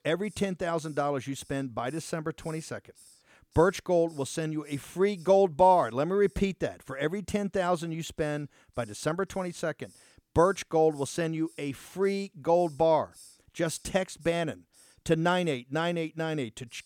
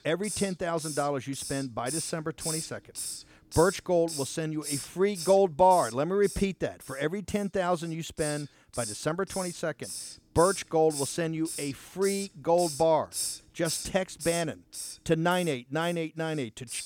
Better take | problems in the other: first | hiss; loud; throughout; 8 dB below the speech; faint in the first

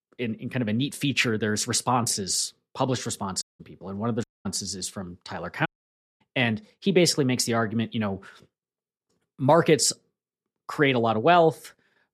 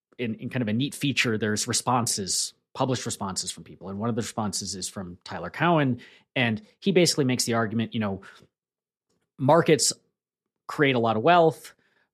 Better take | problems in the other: second | audio cutting out; at 3.5 s, at 4 s and at 5.5 s for 0.5 s

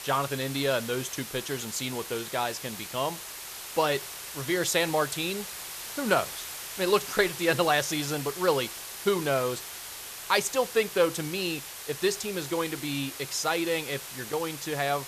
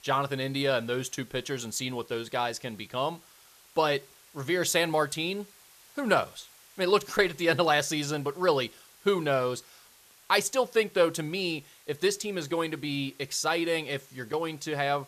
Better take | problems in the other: second | hiss; loud; throughout; 9 dB below the speech; faint in the second

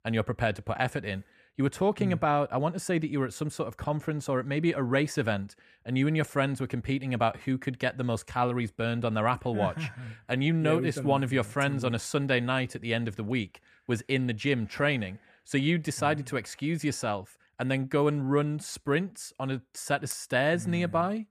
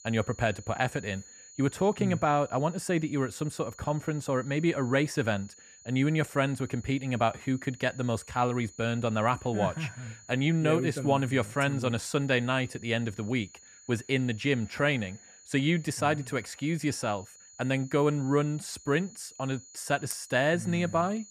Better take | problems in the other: first | high-pitched whine; faint; throughout; 7 kHz, 20 dB below the speech

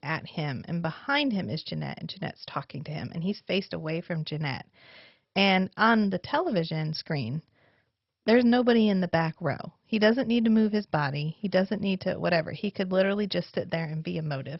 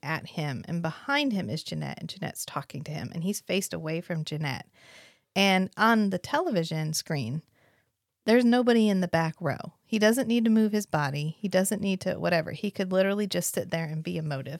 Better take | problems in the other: second | garbled, watery; badly; nothing above 5.5 kHz

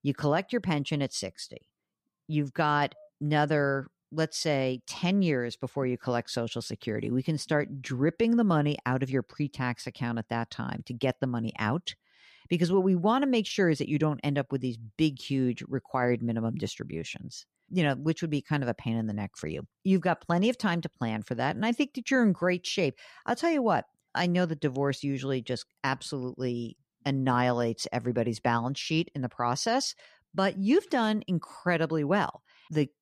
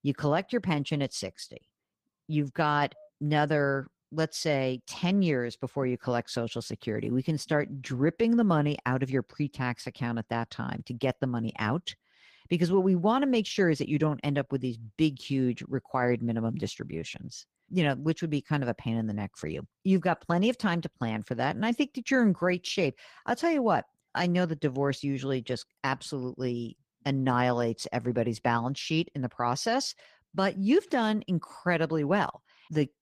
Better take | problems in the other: first | garbled, watery; slightly

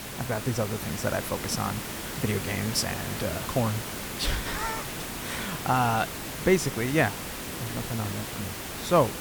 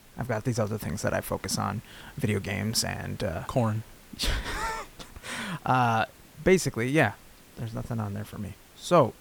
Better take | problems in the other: second | hiss; loud; throughout; 5 dB below the speech; faint in the second

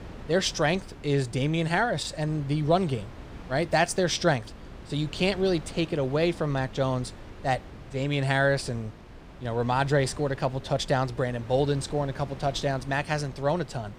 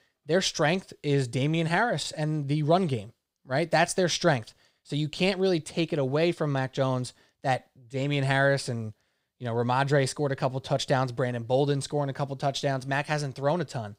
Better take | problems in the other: second | wind noise on the microphone; occasional gusts; 20 dB below the speech

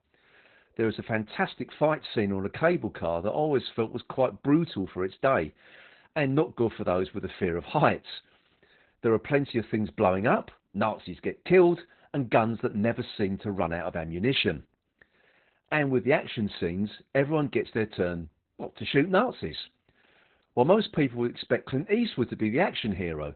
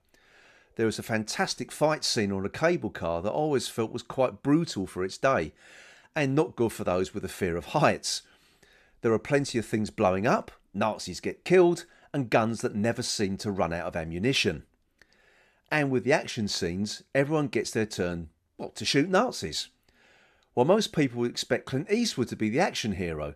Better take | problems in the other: second | garbled, watery; badly; nothing above 4 kHz

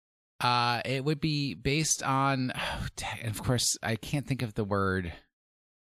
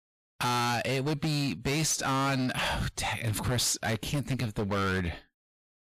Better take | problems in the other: first | distortion; heavy; 22% of the sound clipped

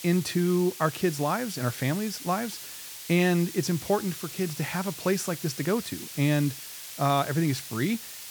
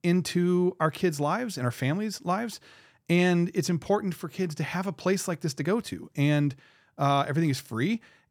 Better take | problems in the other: second | hiss; noticeable; throughout; 10 dB below the speech

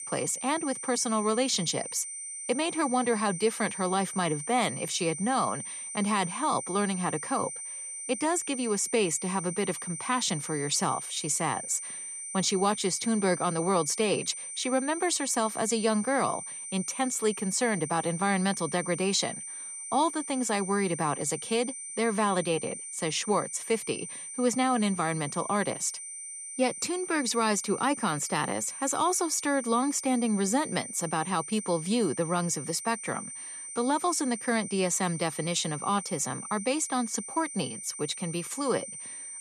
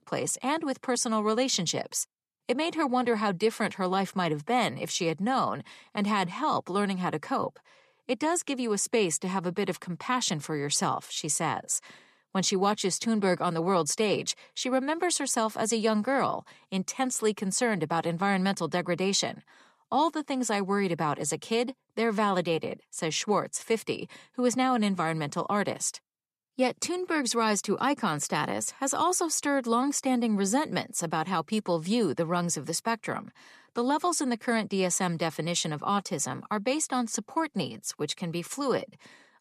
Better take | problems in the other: second | high-pitched whine; loud; throughout; 9 kHz, 8 dB below the speech

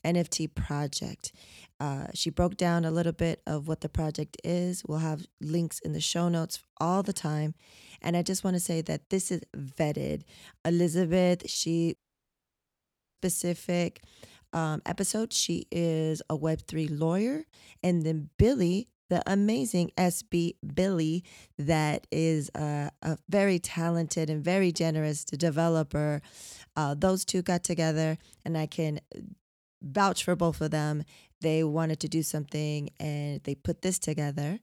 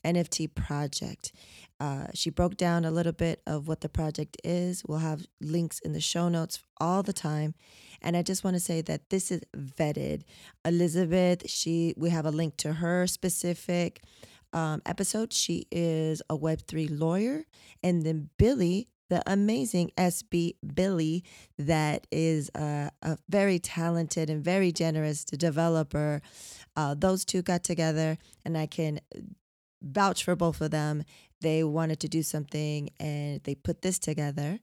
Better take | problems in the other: second | audio cutting out; at 12 s for 1 s

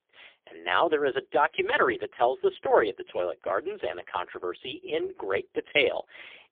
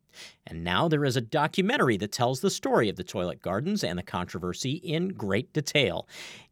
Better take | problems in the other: second | phone-call audio; poor line

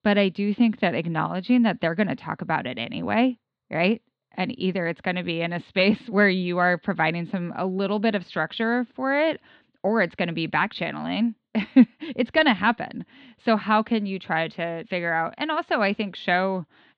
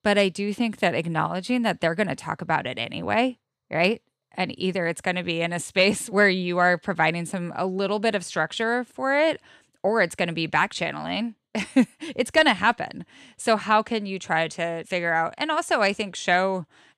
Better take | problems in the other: second | muffled; very slightly; fading above 4 kHz

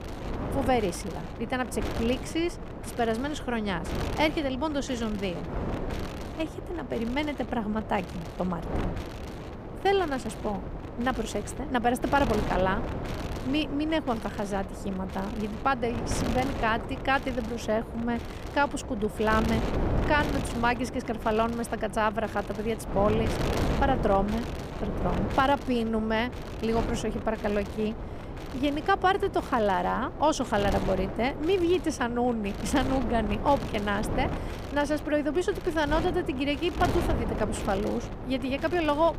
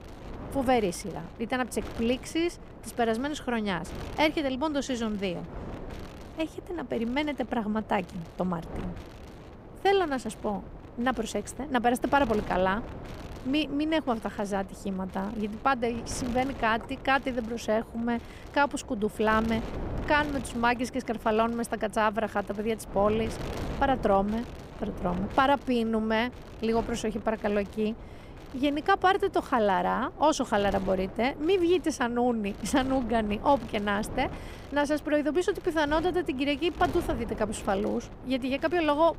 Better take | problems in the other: second | wind noise on the microphone; heavy; 9 dB below the speech; occasional gusts in the second

